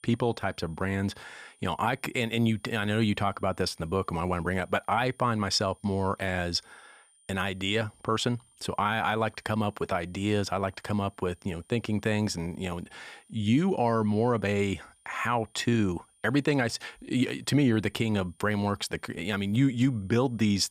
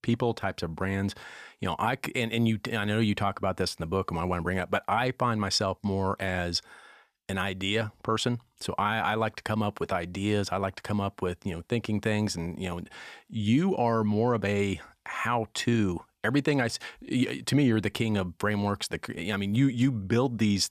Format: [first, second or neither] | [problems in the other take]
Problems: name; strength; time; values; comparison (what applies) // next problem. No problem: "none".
second | high-pitched whine; faint; throughout; 9.5 kHz, 30 dB below the speech